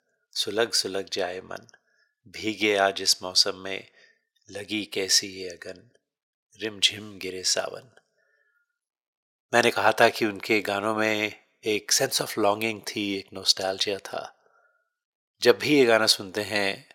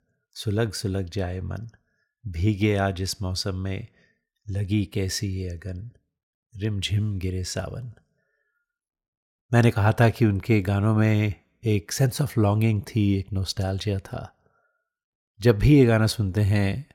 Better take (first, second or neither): second